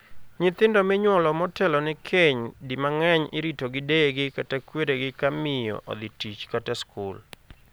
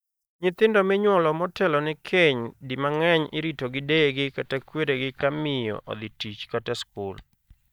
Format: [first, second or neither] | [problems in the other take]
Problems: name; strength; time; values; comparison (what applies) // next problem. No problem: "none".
first | noise reduction (neural mask model DeepFilterNet 3)